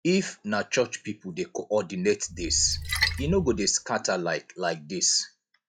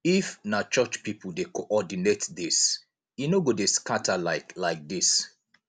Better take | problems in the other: second | noise reduction (classical method log-MMSE)

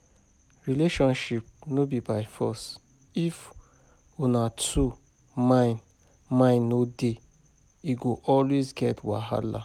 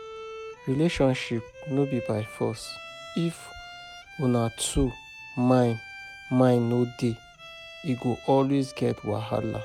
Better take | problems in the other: first | background sound (Bowed string instrument); 16 dB below the speech

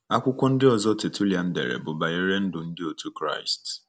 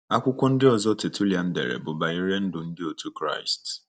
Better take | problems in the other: first | noise reduction (neural mask model DeepFilterNet 3)

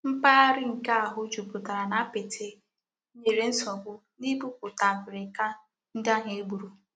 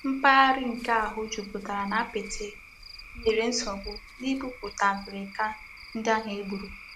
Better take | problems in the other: first | background sound (Cricket / Frog); 16 dB below the speech

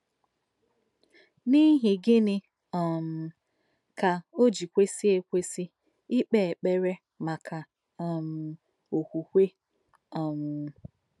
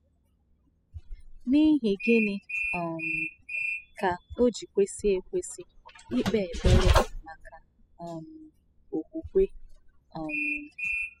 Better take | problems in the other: first | noise reduction (classical method spectral subtraction)

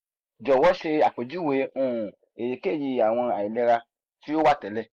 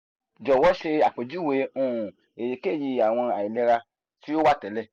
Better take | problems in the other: second | noise reduction (neural mask model Resemble Enhance denoiser)

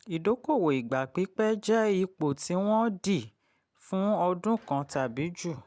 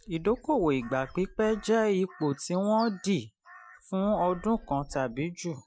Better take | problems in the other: first | noise reduction (classical method Wiener filter)

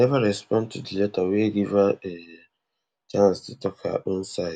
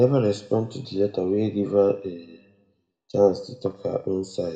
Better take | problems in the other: first | room echo; dies away in 0.7 s

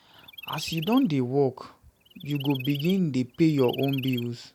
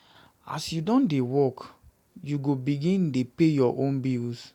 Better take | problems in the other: second | background sound (Chirp, tweet); 15 dB below the speech

